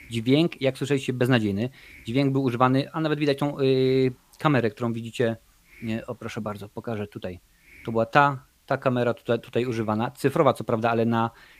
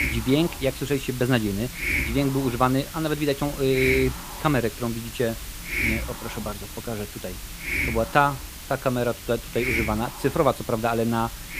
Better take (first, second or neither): first